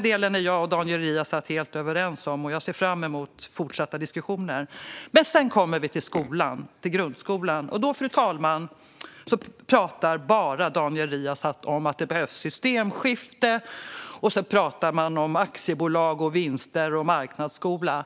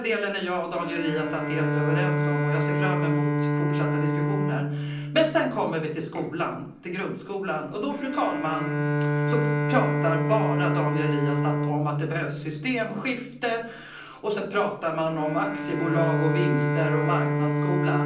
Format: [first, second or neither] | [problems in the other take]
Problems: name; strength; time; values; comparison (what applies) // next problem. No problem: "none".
first | background sound (Bowed string instrument); 2 dB above the speech // room echo; dies away in 0.6 s